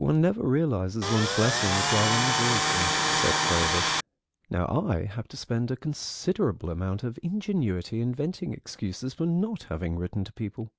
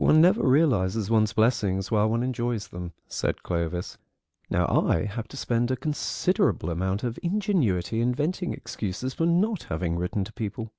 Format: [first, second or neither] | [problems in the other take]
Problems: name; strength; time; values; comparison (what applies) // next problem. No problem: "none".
second | background sound (Tools); 3 dB above the speech